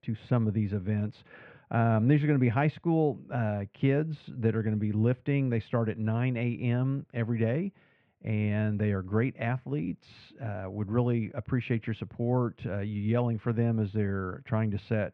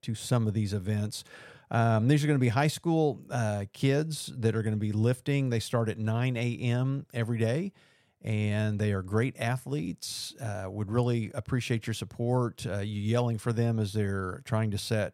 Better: second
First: muffled; very; fading above 2.5 kHz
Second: none

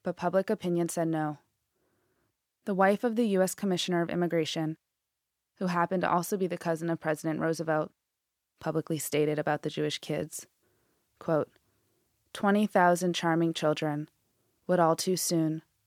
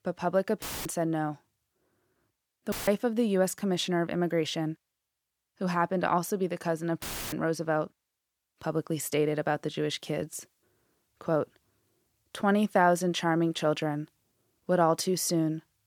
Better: first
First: none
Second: audio cutting out; filled with static; at 0.5 s, at 2.5 s and at 7 s

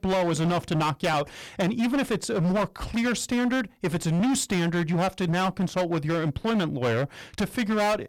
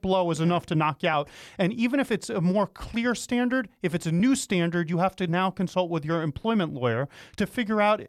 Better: second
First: distortion; heavy; 22% of the sound clipped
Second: none

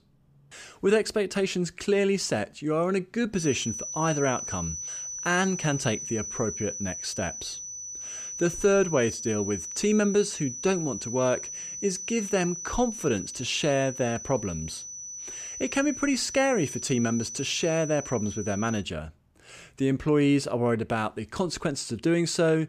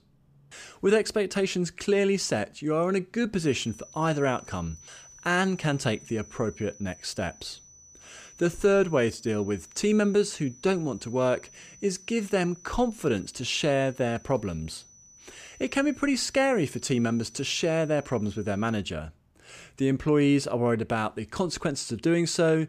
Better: second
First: high-pitched whine; loud; from 3.5 to 19 s; 6 kHz, 7 dB below the speech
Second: high-pitched whine; faint; from 3.5 to 19 s; 6 kHz, 20 dB below the speech

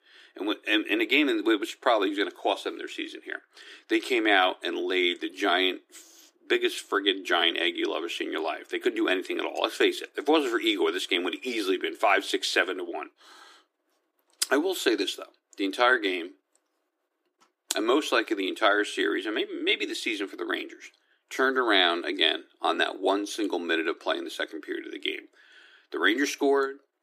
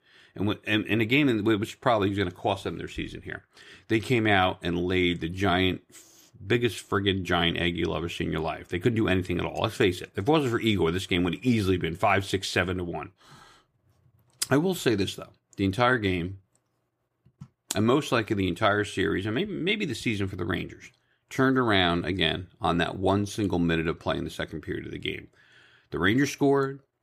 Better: second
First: thin; somewhat; fading below 300 Hz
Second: none

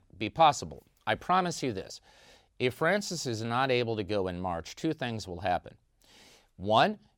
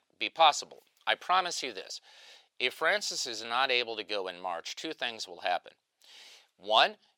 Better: first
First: none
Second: thin; very; fading below 550 Hz

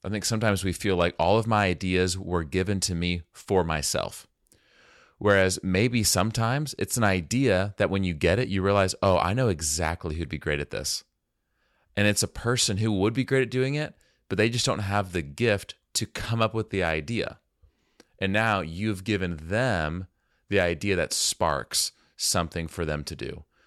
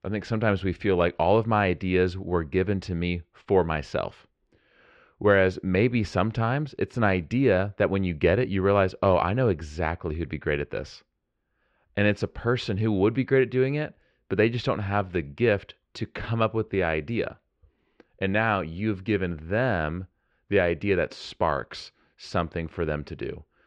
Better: first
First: none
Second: muffled; very; fading above 3 kHz

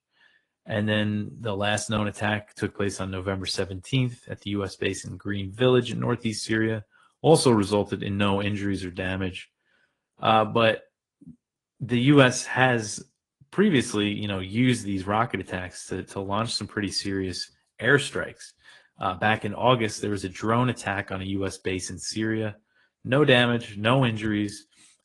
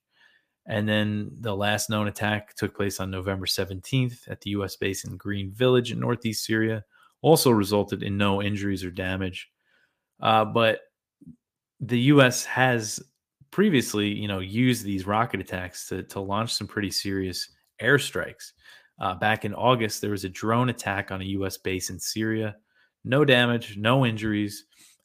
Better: second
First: garbled, watery; slightly; nothing above 10 kHz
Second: none

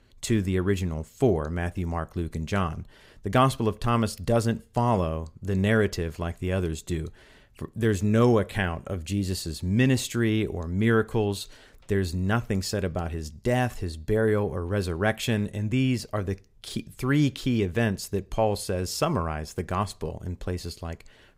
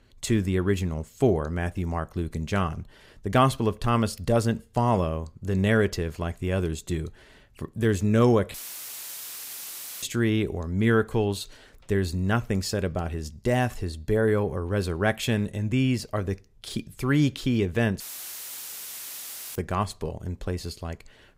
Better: first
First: none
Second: audio cutting out; filled with static; at 8.5 s for 1.5 s and at 18 s for 1.5 s

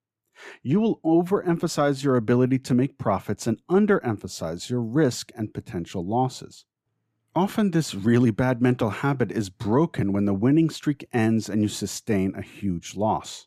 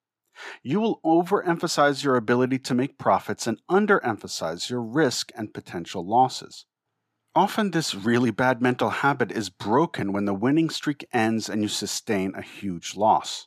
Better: first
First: none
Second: thin; somewhat; fading below 300 Hz

